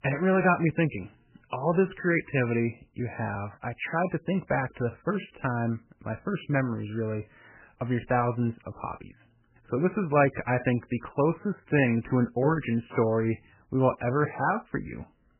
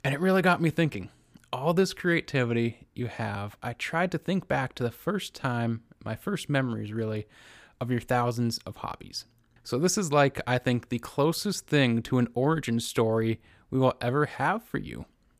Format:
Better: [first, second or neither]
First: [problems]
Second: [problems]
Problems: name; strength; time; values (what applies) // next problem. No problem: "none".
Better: second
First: garbled, watery; badly; nothing above 2.5 kHz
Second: none